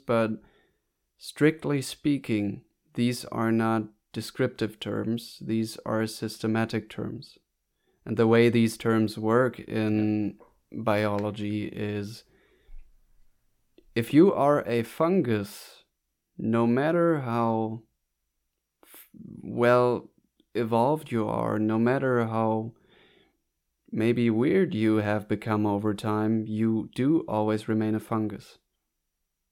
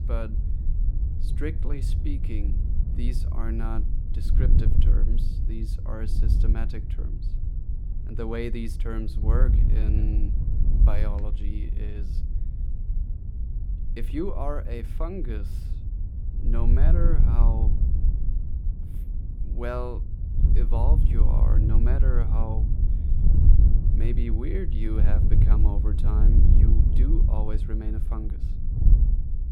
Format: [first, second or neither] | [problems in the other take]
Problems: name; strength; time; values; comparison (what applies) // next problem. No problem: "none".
first | wind noise on the microphone; heavy; 5 dB below the speech